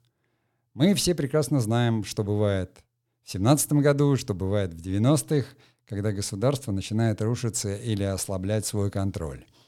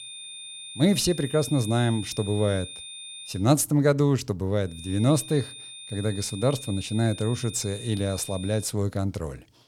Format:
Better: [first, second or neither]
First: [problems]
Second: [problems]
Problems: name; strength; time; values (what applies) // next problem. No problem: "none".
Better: first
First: none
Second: high-pitched whine; noticeable; until 3.5 s and from 4.5 to 8.5 s; 3.5 kHz, 15 dB below the speech